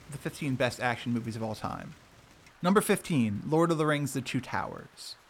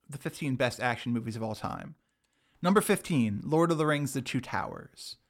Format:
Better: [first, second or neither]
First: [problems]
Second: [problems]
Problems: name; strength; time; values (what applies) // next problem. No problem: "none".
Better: second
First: rain or running water; faint; throughout; 25 dB below the speech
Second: none